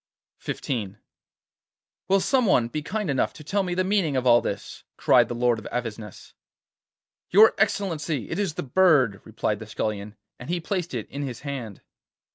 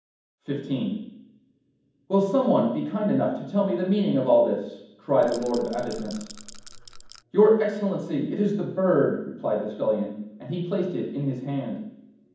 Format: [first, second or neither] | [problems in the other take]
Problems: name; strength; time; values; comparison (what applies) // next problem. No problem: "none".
first | background sound (Rattle / Rattle (instrument)); 17 dB below the speech // room echo; dies away in 1.2 s